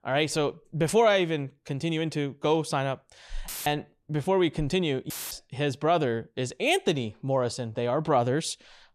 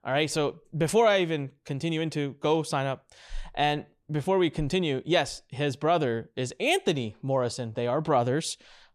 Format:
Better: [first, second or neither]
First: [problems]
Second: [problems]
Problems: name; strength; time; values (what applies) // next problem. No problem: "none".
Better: second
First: audio cutting out; filled with static; at 3.5 s and at 5 s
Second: none